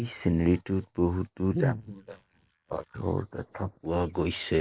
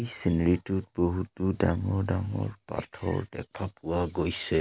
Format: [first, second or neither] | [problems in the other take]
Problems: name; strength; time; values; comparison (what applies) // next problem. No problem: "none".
second | noise reduction (neural mask model Resemble Enhance denoiser)